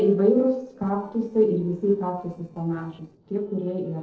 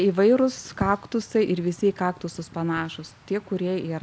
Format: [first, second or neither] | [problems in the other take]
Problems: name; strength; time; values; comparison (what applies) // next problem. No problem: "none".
second | noise reduction (neural separator model SepFormer DNS4)